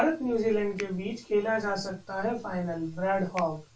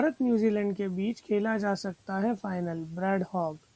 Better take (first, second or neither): second